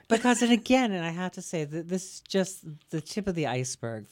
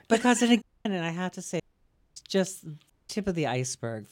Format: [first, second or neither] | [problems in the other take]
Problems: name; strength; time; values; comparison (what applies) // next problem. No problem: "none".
first | audio cutting out; at 0.5 s, at 1.5 s for 0.5 s and at 3 s